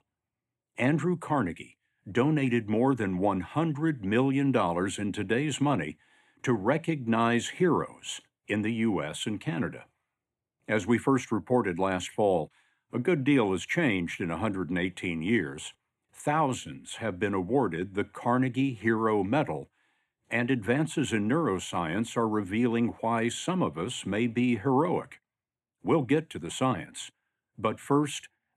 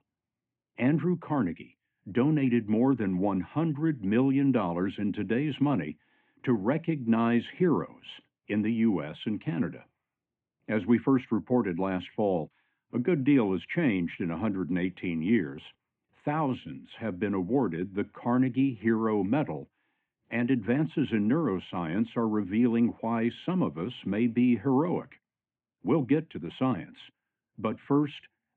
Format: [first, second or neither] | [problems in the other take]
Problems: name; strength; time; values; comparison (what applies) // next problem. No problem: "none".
first | muffled; very; fading above 3 kHz